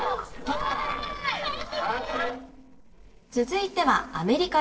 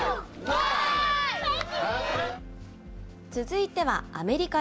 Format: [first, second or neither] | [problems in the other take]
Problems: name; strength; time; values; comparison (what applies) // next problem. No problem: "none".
second | noise reduction (neural separator model SepFormer DNS4)